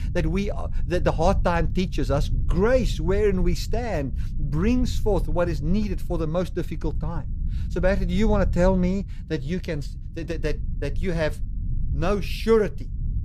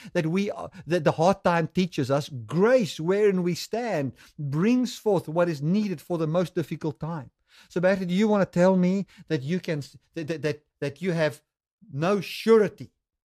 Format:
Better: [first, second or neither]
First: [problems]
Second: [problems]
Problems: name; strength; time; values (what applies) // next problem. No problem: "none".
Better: second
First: low rumble; noticeable; throughout; 20 dB below the speech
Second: none